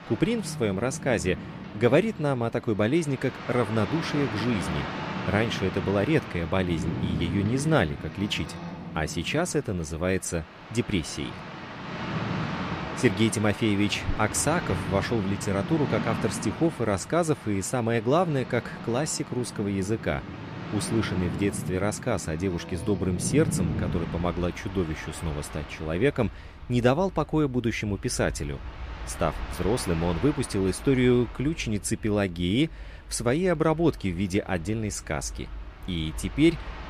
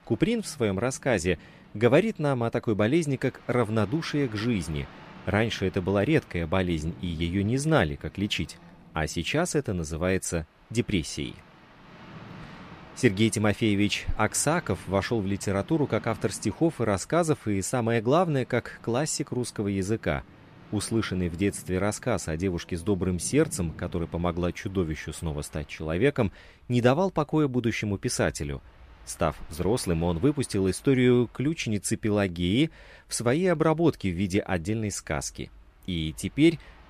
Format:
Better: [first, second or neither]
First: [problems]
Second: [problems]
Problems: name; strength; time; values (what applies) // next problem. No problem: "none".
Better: second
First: train or aircraft noise; loud; throughout; 9 dB below the speech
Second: train or aircraft noise; faint; throughout; 25 dB below the speech